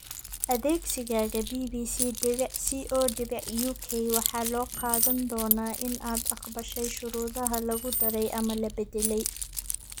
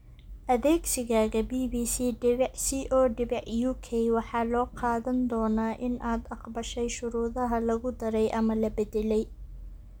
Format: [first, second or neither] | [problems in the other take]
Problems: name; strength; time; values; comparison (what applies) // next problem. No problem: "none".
second | background sound (Keys jangling + Keys jangling); 3 dB below the speech